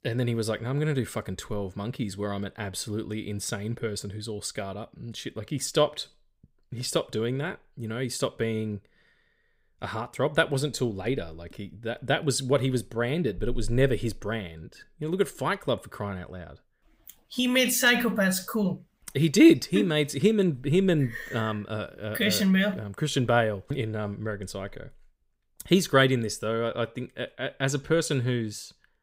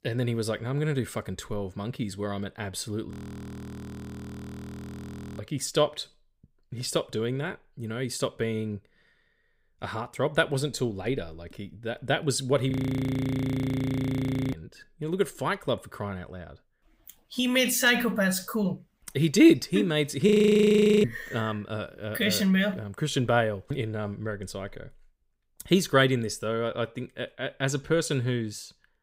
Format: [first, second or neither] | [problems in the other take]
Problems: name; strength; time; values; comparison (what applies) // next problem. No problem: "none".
first | audio freezing; at 3 s for 2.5 s, at 13 s for 2 s and at 20 s for 1 s